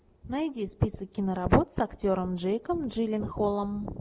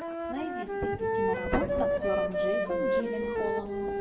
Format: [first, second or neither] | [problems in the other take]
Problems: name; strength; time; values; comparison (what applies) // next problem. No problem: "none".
first | background sound (Wind instrument, woodwind instrument); 5 dB above the speech // room echo; dies away in 1.7 s